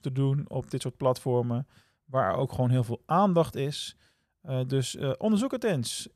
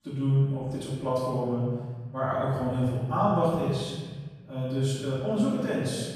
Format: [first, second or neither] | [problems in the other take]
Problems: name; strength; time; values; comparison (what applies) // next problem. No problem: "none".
first | off-mic speech; far // room echo; strong; dies away in 1.6 s